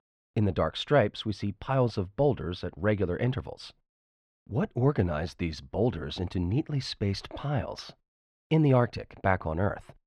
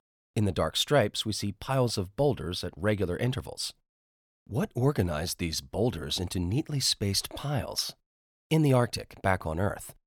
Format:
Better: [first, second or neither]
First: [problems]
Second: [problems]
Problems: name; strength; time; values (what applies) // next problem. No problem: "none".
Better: second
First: muffled; slightly; fading above 2.5 kHz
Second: none